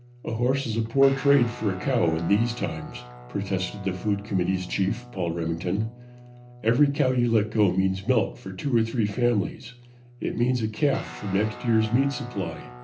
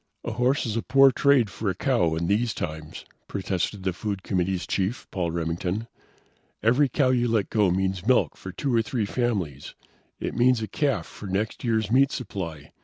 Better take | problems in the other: second | background sound (Guitar); 18 dB below the speech // room echo; dies away in 0.3 s

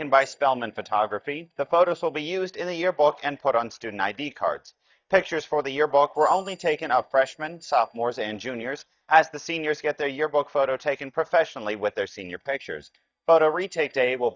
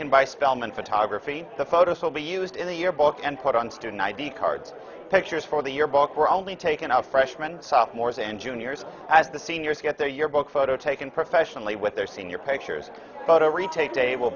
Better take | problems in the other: second | noise reduction (neural mask model DeepFilterNet 3)

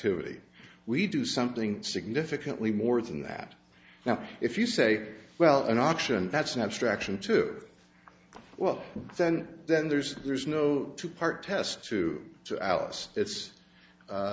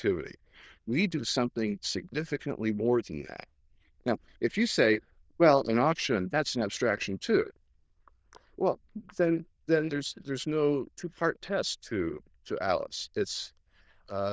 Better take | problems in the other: first | noise reduction (neural diffusion model UNIVERSE++)

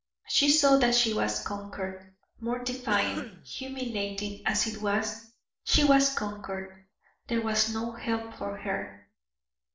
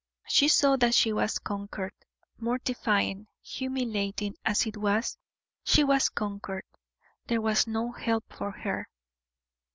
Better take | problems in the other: second | noise reduction (neural separator model SepFormer DNS4)

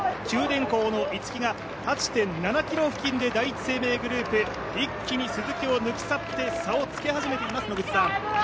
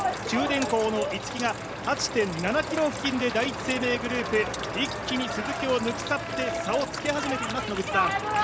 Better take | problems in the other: first | background sound (Drip); 14 dB below the speech

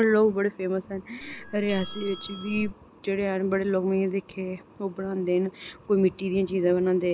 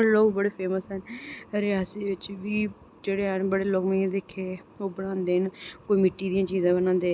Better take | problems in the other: second | background sound (Doorbell); 13 dB below the speech

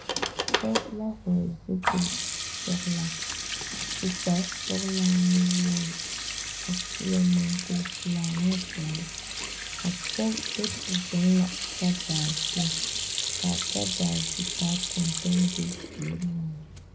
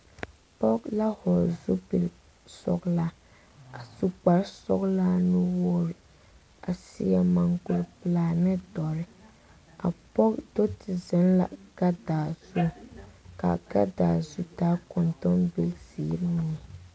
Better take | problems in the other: second | background sound (Sink (filling or washing) / Hands); 4 dB below the speech // room echo; dies away in 0.3 s

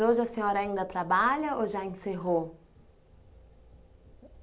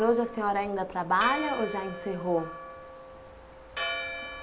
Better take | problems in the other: first | background sound (Church bell); 8 dB below the speech

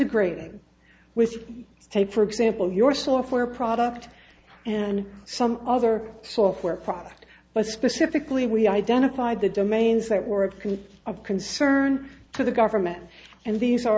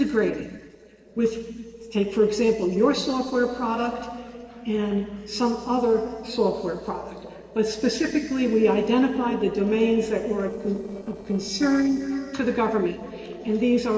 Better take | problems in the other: first | noise reduction (neural separator model SepFormer DNS4)

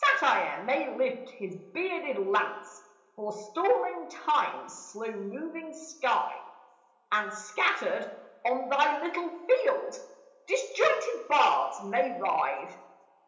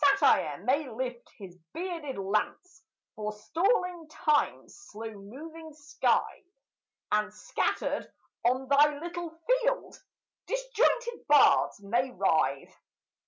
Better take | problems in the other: second | room echo; dies away in 1 s

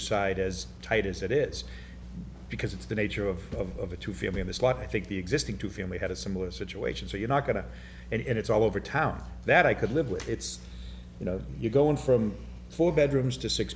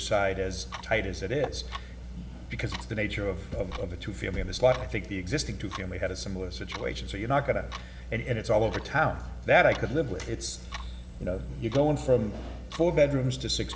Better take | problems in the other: first | background sound (Clock); 18 dB below the speech // room echo; dies away in 1.3 s

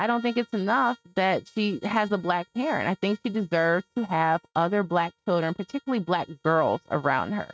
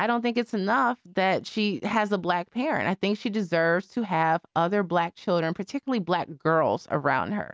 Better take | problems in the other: second | noise reduction (neural mask model RNNoise)

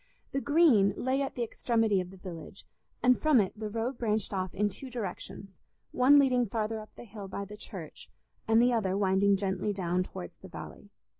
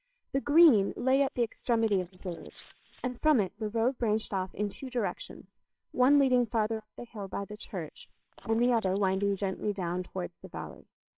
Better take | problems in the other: first | noise reduction (neural separator model SepFormer WHAMR!)

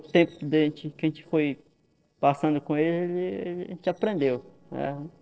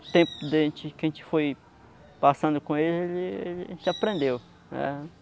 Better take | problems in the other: second | noise reduction (neural separator model SepFormer DNS4)

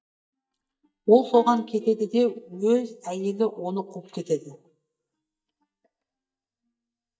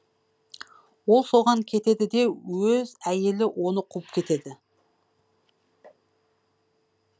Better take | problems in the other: second | noise reduction (neural mask model DeepFilterNet 3)

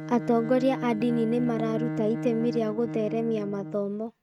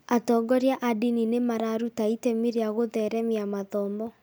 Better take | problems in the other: second | noise reduction (neural mask model RNNoise)

